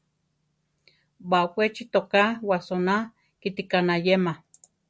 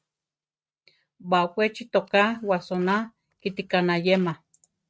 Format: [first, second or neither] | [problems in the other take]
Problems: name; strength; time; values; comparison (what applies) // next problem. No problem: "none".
first | noise reduction (neural mask model RNNoise)